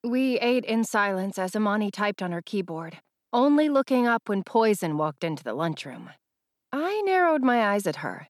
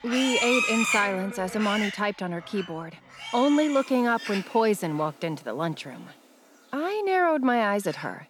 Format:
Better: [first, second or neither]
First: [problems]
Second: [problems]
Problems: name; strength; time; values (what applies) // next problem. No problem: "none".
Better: first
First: none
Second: animal sounds; loud; throughout; 3 dB below the speech